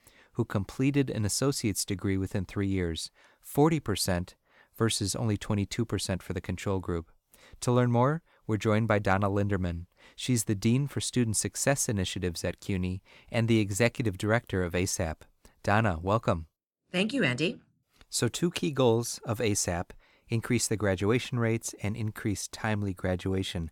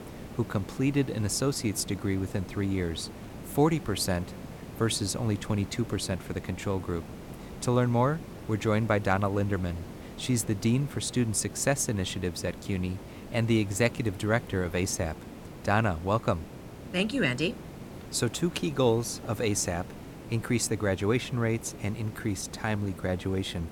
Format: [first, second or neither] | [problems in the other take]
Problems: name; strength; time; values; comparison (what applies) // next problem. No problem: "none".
first | hiss; noticeable; throughout; 15 dB below the speech